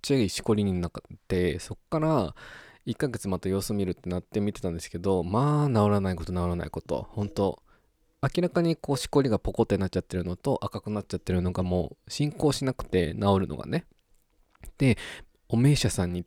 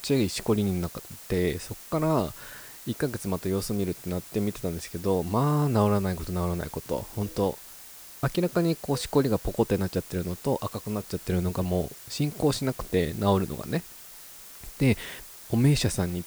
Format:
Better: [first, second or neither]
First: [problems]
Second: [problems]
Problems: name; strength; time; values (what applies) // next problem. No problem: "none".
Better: first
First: none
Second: hiss; noticeable; throughout; 15 dB below the speech